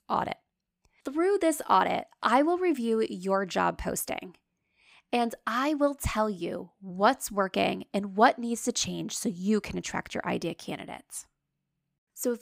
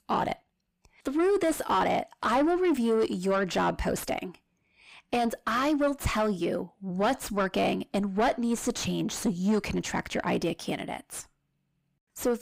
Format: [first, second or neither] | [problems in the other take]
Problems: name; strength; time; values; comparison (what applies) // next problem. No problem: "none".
first | distortion; heavy; 6 dB below the speech